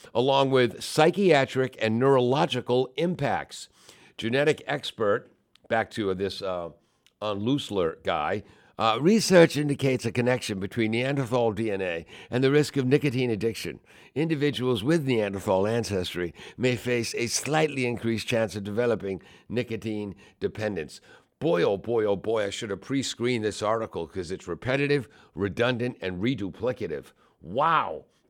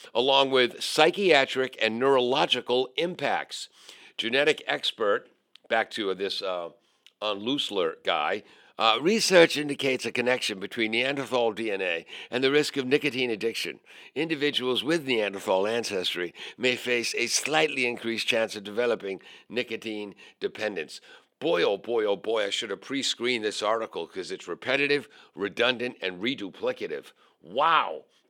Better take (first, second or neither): first